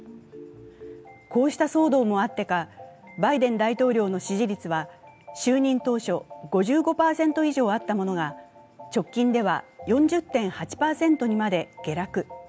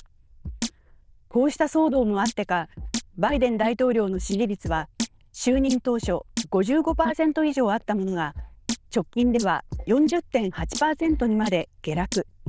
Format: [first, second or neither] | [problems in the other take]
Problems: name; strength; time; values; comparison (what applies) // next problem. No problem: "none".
first | noise reduction (neural diffusion model UNIVERSE++)